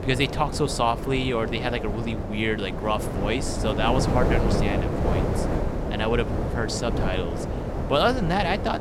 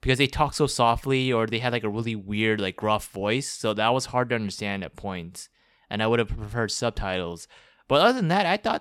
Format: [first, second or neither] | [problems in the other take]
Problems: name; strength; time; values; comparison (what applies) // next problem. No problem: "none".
second | wind noise on the microphone; heavy; 5 dB below the speech